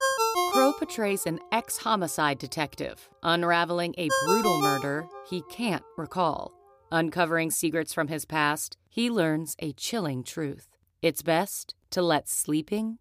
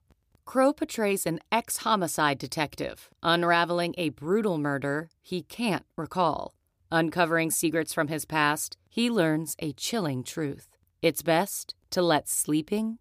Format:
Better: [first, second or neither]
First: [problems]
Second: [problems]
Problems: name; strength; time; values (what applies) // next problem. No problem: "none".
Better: second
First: phone ringing; loud; until 5 s; peak 4 dB above the speech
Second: none